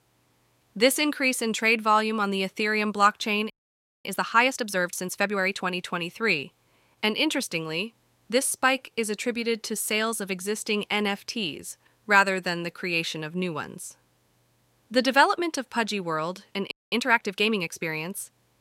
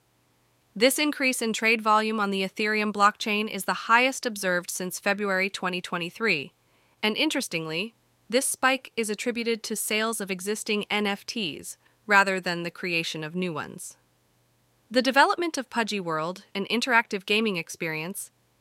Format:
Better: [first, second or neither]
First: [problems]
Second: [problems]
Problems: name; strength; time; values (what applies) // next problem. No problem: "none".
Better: second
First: audio freezing; at 3.5 s for 0.5 s and at 17 s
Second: none